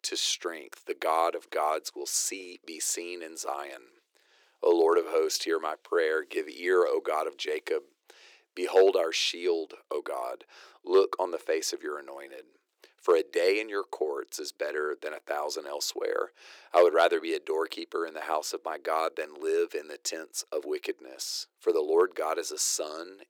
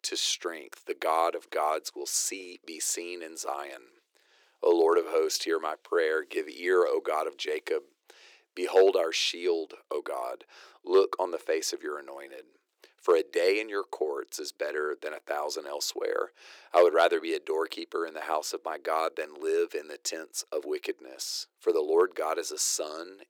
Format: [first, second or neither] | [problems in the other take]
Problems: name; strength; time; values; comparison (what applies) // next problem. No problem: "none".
neither | thin; very; fading below 350 Hz; the same in both